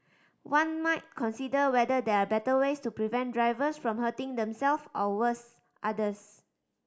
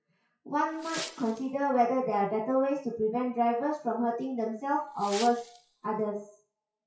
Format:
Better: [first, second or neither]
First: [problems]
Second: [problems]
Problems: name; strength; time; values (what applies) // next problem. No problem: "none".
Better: first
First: none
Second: noise reduction (classical method WPE with log-MMSE)